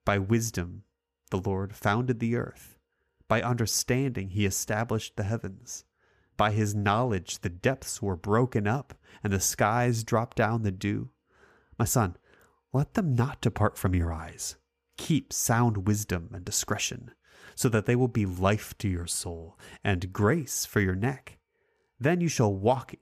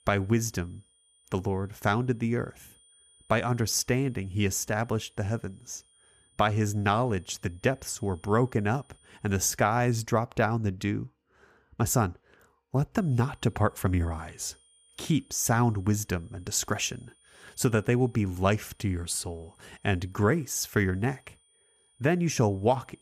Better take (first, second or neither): first